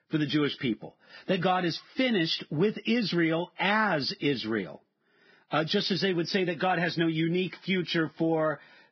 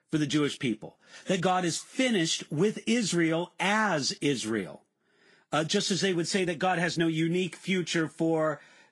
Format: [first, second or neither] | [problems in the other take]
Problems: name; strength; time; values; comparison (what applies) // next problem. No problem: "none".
second | garbled, watery; badly; nothing above 5.5 kHz; slightly in the second